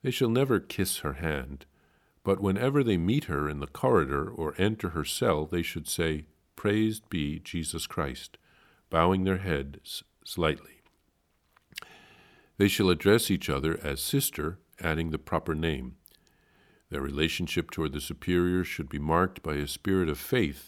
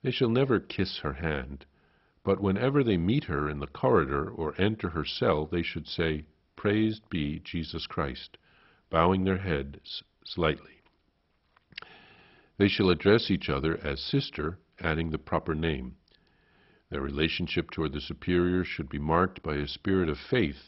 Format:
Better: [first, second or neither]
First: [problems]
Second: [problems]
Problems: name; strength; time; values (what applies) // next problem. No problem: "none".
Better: first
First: none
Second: garbled, watery; badly; nothing above 5.5 kHz